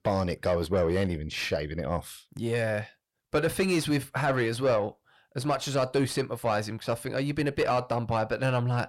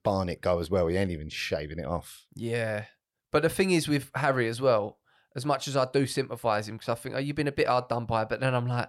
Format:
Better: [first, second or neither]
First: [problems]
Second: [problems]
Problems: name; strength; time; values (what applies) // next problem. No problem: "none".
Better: second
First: distortion; slight; 10 dB below the speech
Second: none